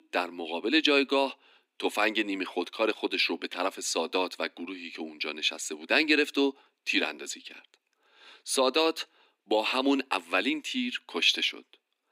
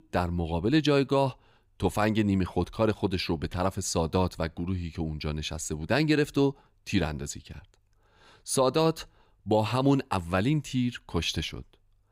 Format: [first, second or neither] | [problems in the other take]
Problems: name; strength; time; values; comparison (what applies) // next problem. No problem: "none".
second | thin; very slightly; fading below 250 Hz